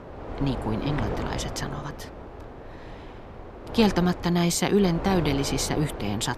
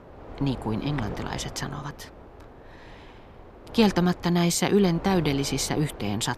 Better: second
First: wind noise on the microphone; heavy; 8 dB below the speech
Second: wind noise on the microphone; occasional gusts; 15 dB below the speech

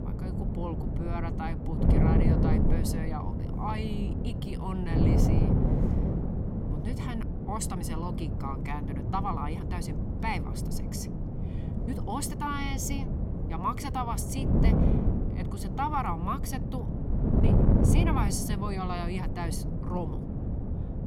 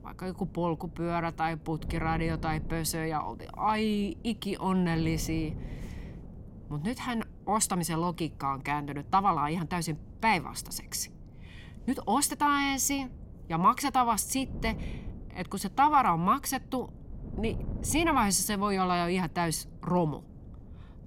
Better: second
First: wind noise on the microphone; heavy; 2 dB below the speech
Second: wind noise on the microphone; occasional gusts; 25 dB below the speech

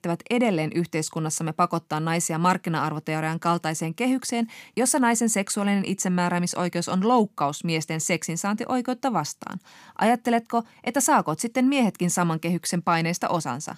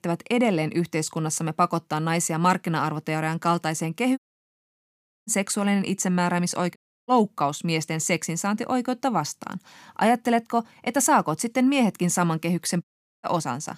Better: first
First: none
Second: audio cutting out; at 4 s for 1 s, at 7 s and at 13 s

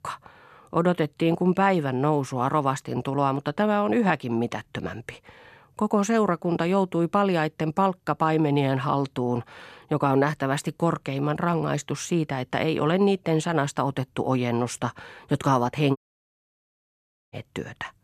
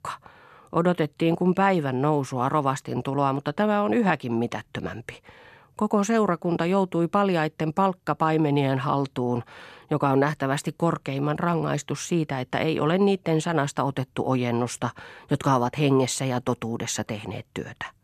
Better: second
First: audio cutting out; at 16 s for 1.5 s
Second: none

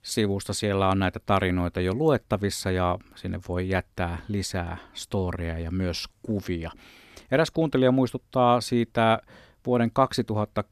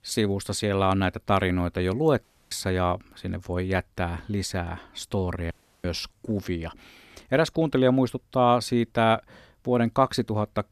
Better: first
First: none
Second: audio cutting out; at 2 s and at 5.5 s

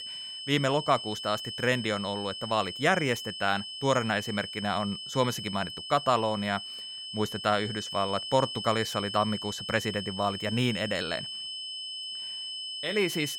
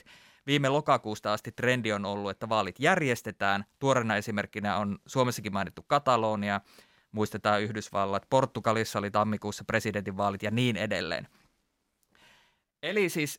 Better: second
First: high-pitched whine; loud; throughout; 3 kHz, 7 dB below the speech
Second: none

